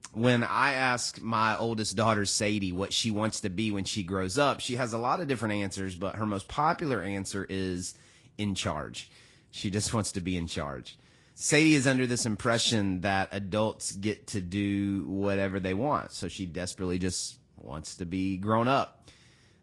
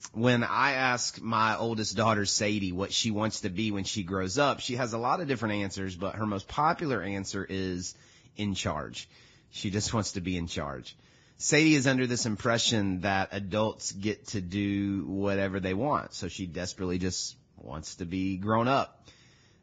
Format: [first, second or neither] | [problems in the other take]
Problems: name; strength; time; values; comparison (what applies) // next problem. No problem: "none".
first | garbled, watery; badly; nothing above 7.5 kHz; slightly in the first